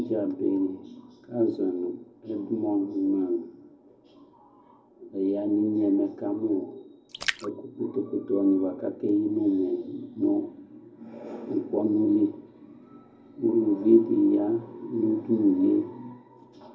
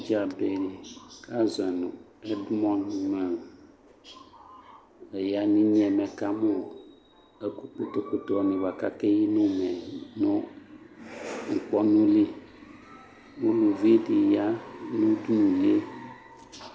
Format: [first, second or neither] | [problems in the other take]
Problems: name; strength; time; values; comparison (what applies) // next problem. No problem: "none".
second | background sound (Splash, splatter); 12 dB below the speech // room echo; dies away in 0.4 s